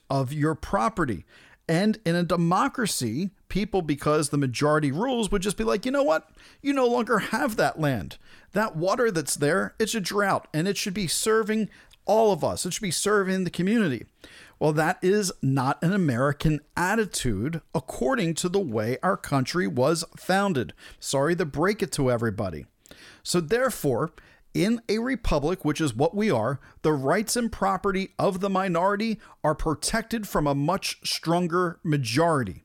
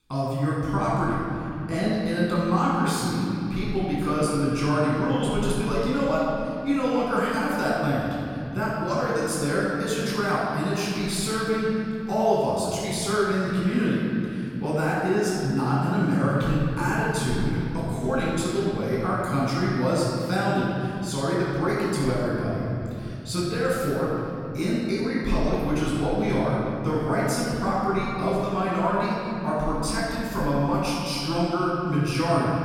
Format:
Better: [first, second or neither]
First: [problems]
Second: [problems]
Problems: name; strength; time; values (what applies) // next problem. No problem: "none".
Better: first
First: none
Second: room echo; strong; dies away in 3 s // off-mic speech; far